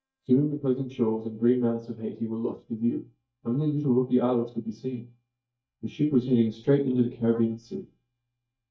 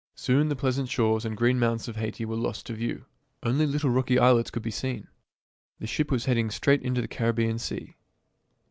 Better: second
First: noise reduction (neural mask model DeepFilterNet 3)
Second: none

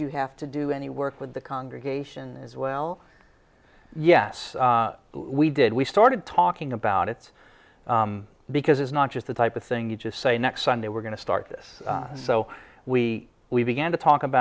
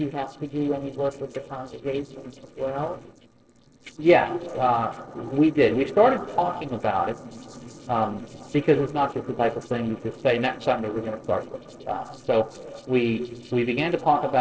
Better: first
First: none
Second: noise reduction (neural separator model SepFormer DNS4)

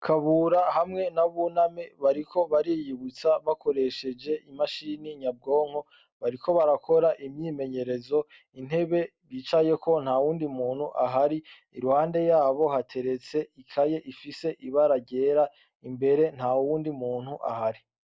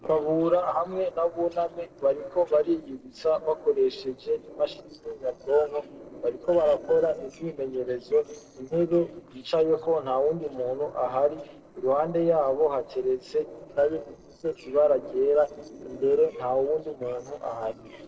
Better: first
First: none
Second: noise reduction (neural separator model SepFormer DNS4)

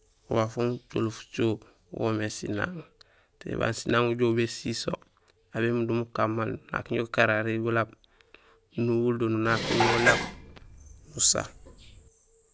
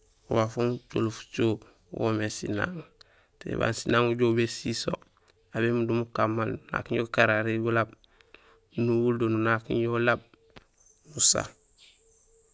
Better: second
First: background sound (Dishes, pots, and pans); 2 dB below the speech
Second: none

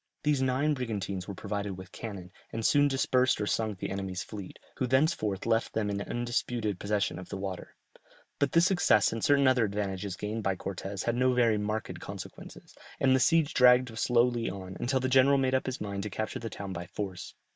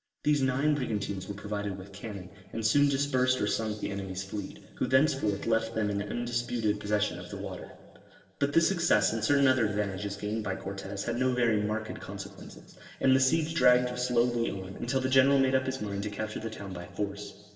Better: first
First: none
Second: noise reduction (neural separator model SepFormer DNS4)

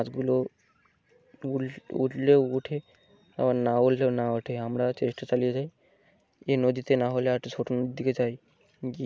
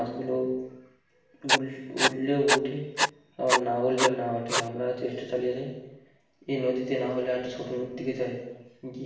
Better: first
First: none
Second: background sound (Writing); 1 dB above the speech // room echo; dies away in 0.9 s

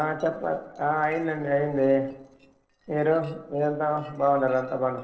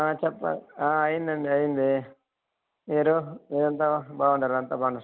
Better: second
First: noise reduction (neural separator model SepFormer DNS4)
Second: none

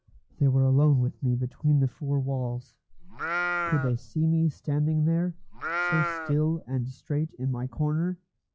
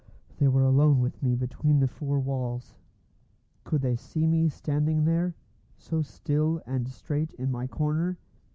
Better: second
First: noise reduction (classical method log-MMSE)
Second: none

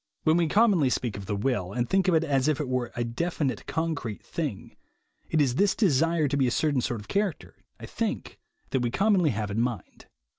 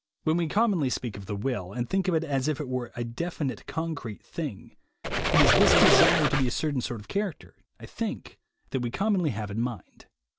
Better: first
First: none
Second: background sound (Squeak); 5 dB above the speech

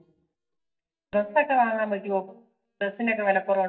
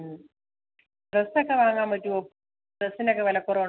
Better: second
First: noise reduction (neural mask model DeepFilterNet 3)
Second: none

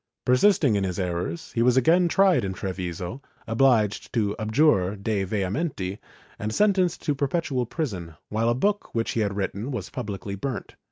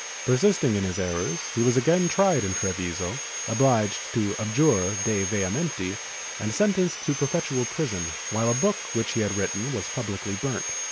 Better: first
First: none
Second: background sound (Sawing); 7 dB below the speech

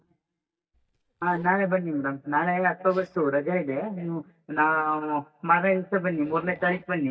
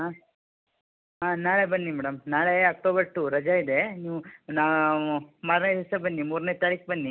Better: second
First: noise reduction (neural mask model DeepFilterNet 3)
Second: none

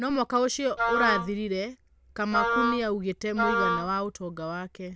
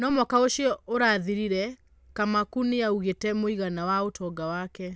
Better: second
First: background sound (Wind instrument, woodwind instrument); 1 dB above the speech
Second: none

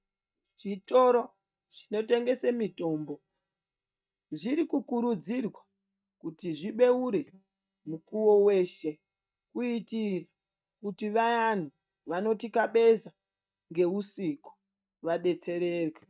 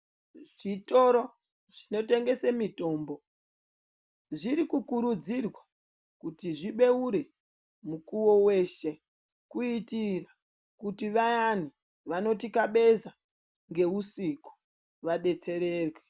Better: second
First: noise reduction (neural mask model DeepFilterNet 3)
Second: none

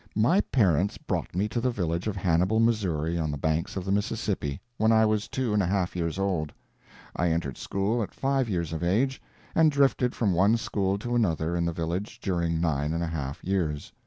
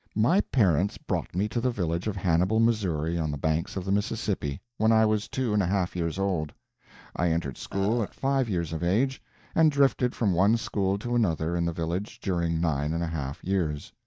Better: first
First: none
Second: noise reduction (neural mask model DeepFilterNet 3)

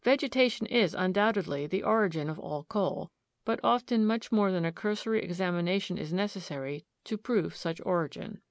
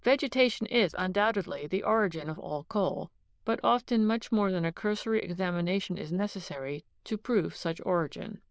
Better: first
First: none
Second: noise reduction (neural diffusion model UNIVERSE++)

